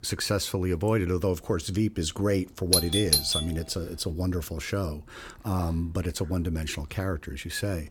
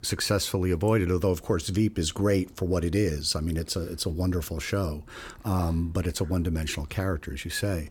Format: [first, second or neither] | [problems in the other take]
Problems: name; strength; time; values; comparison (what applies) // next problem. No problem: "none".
second | doorbell; loud; at 2.5 s; peak 6 dB above the speech